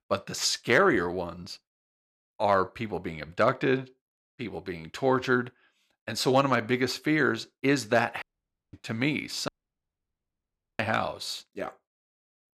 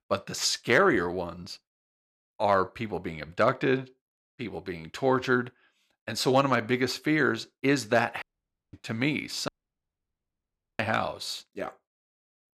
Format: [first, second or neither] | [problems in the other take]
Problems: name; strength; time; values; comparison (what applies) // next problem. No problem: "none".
neither | audio cutting out; at 8 s for 0.5 s and at 9.5 s for 1.5 s; the same in both